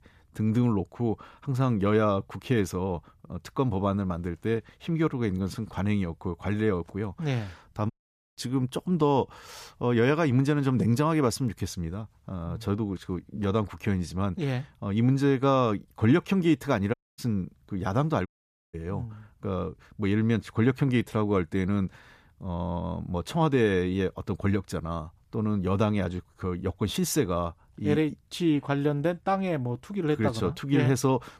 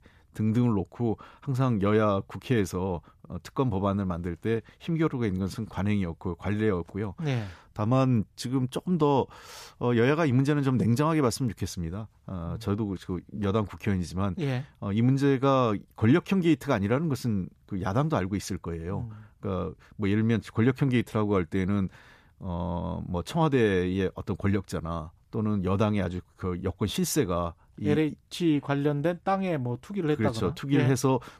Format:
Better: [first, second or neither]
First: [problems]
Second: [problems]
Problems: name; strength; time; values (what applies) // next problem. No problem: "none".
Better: second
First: audio cutting out; at 8 s, at 17 s and at 18 s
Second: none